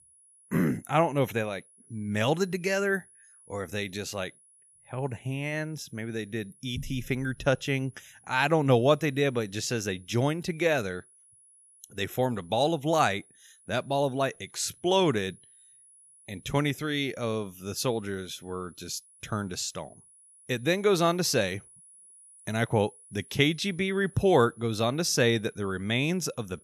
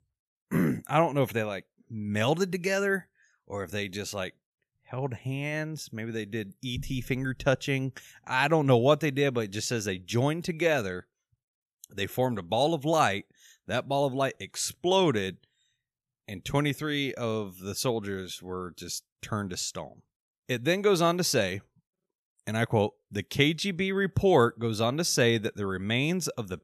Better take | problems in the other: second | high-pitched whine; faint; throughout; 10.5 kHz, 25 dB below the speech

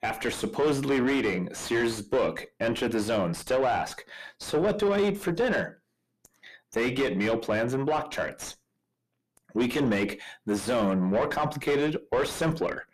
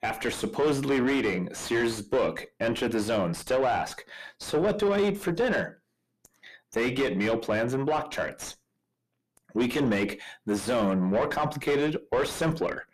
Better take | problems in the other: neither | distortion; heavy; 5 dB below the speech; the same in both

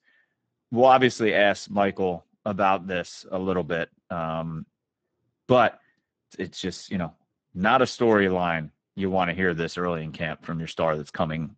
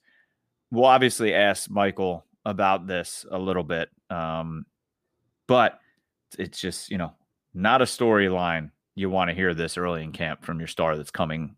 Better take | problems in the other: second | garbled, watery; badly; nothing above 8 kHz

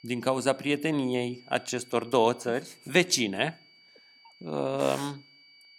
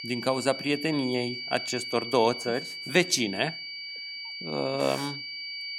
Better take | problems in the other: first | high-pitched whine; loud; throughout; 4.5 kHz, 7 dB below the speech; faint in the first

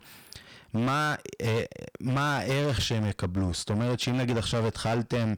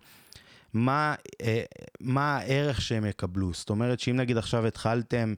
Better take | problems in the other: second | distortion; heavy; 21% of the sound clipped

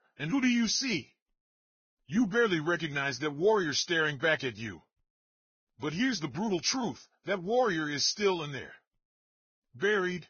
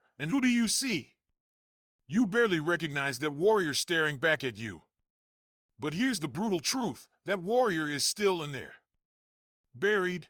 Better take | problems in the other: second | garbled, watery; badly; nothing above 6.5 kHz

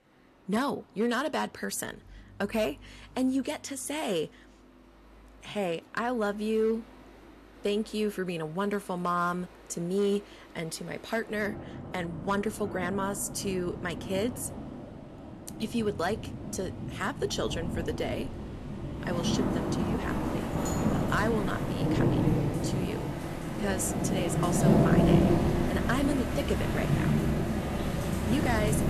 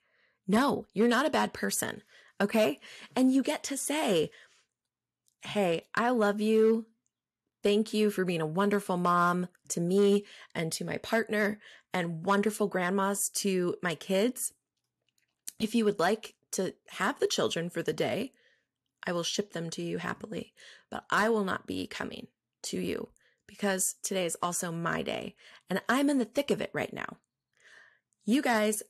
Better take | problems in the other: second | rain or running water; very loud; throughout; 2 dB above the speech

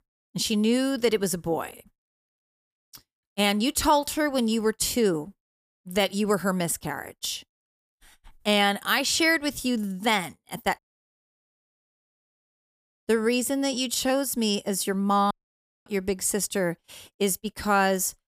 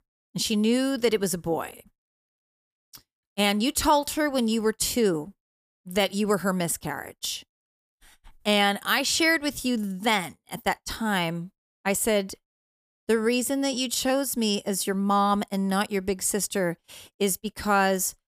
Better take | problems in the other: second | audio cutting out; at 11 s for 2 s and at 15 s for 0.5 s

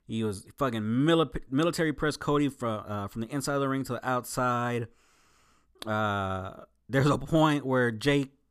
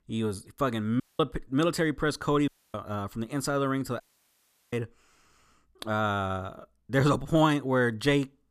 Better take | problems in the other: first | audio cutting out; at 1 s, at 2.5 s and at 4 s for 0.5 s

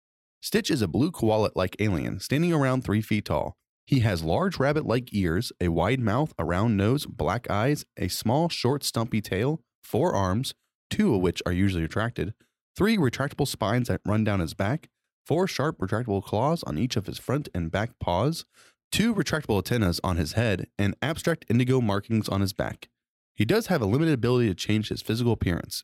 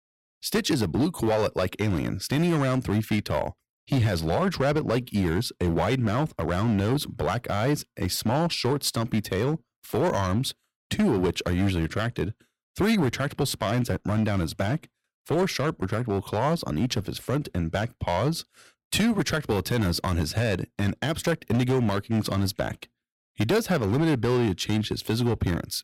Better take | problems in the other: first | distortion; slight; 8% of the sound clipped

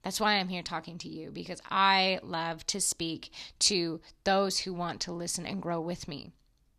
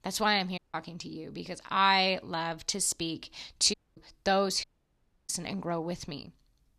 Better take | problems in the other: first | audio cutting out; at 0.5 s, at 3.5 s and at 4.5 s for 0.5 s

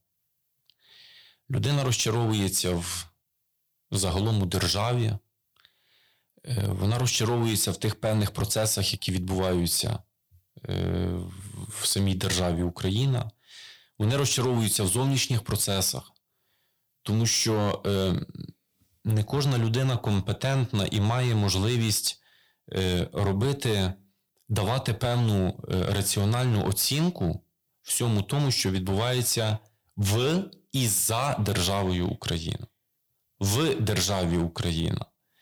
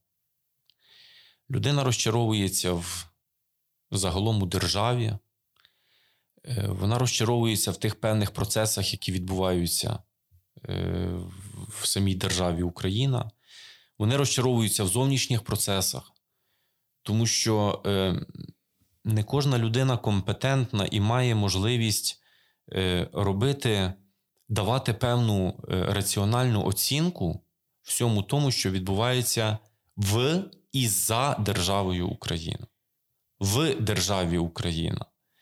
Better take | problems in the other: second | distortion; slight; 6% of the sound clipped

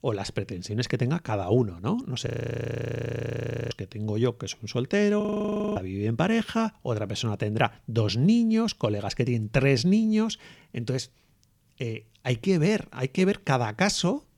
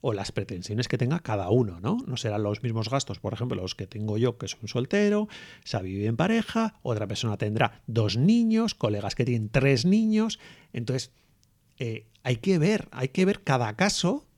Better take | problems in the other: second | audio freezing; at 2.5 s for 1.5 s and at 5 s for 0.5 s

